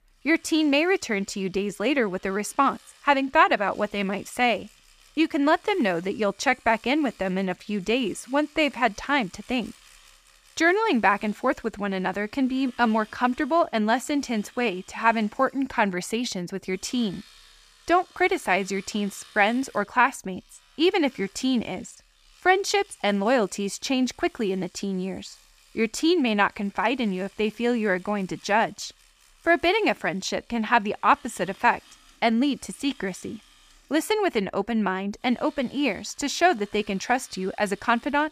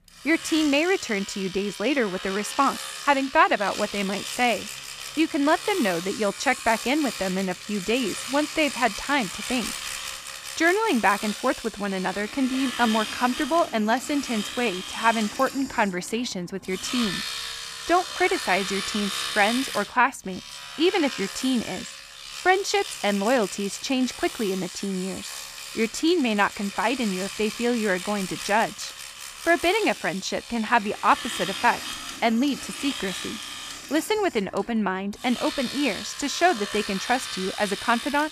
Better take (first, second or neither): first